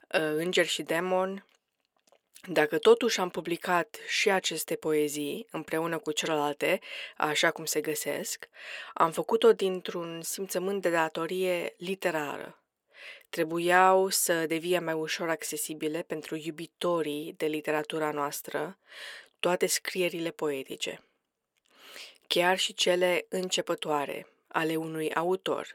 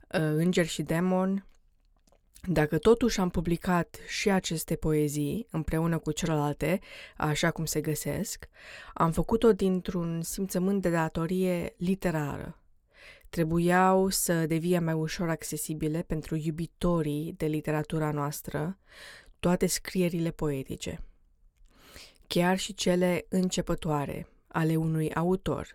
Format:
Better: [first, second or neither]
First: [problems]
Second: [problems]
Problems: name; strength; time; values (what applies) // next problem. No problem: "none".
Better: second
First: thin; somewhat; fading below 400 Hz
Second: none